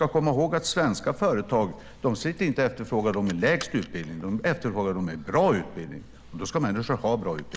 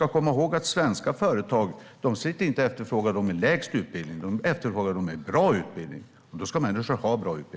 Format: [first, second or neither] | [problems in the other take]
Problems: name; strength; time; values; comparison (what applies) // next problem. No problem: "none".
second | background sound (Car + Engine); 19 dB below the speech